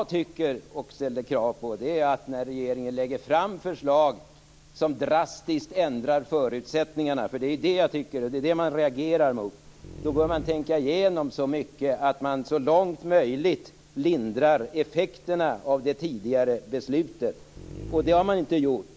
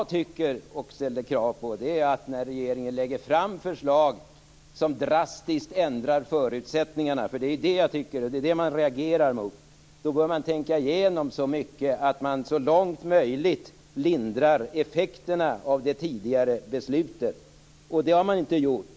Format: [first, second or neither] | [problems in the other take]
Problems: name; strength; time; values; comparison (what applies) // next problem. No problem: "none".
second | background sound (Dog); 13 dB below the speech